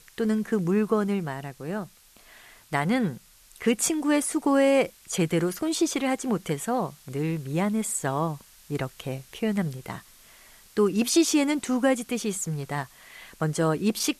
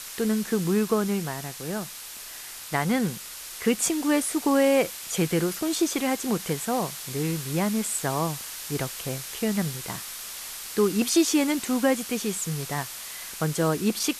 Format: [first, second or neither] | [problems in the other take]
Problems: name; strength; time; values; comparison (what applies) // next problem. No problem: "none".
first | hiss; loud; throughout; 9 dB below the speech; faint in the first